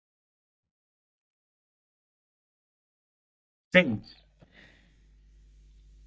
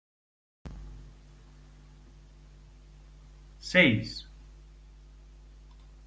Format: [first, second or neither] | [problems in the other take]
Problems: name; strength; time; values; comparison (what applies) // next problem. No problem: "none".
second | noise reduction (neural mask model DeepFilterNet 3)